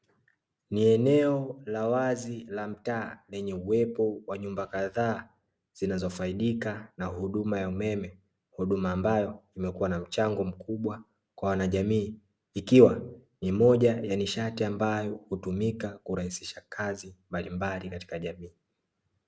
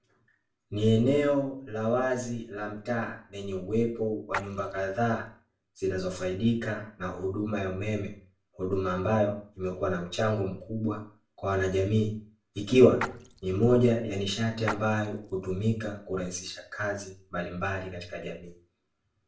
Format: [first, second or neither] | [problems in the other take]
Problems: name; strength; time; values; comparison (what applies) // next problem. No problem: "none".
first | background sound (Splash, splatter); 11 dB below the speech // room echo; dies away in 0.3 s